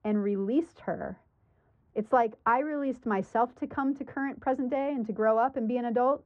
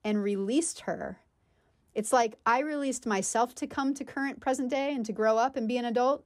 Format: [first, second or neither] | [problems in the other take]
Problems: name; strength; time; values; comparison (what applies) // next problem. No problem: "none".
second | muffled; very; fading above 1.5 kHz